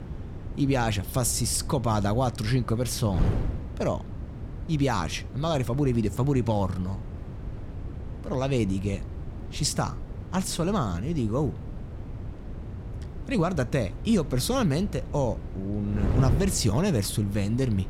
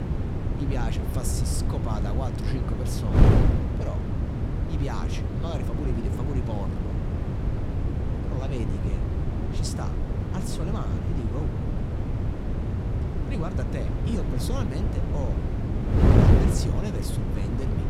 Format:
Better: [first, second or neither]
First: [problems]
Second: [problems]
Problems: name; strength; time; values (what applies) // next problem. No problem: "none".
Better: first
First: wind noise on the microphone; occasional gusts; 15 dB below the speech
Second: wind noise on the microphone; heavy; 3 dB above the speech